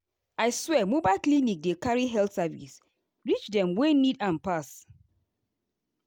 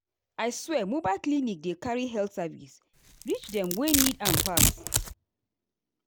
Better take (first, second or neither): first